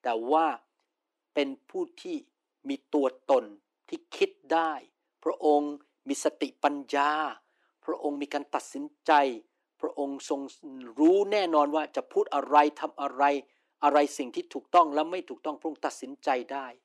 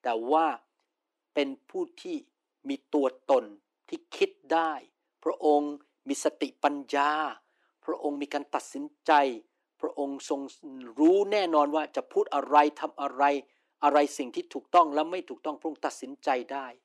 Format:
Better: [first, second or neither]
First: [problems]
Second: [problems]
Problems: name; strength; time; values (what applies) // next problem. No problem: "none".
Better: neither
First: thin; very slightly; fading below 300 Hz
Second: thin; very slightly; fading below 300 Hz